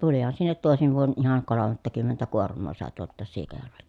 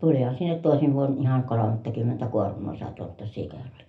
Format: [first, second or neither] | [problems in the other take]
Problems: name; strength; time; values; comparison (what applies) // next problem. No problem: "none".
first | room echo; dies away in 0.3 s